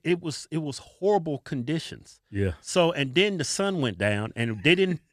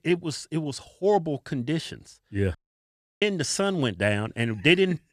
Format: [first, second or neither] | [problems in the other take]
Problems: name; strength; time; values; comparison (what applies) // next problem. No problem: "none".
first | audio cutting out; at 2.5 s for 0.5 s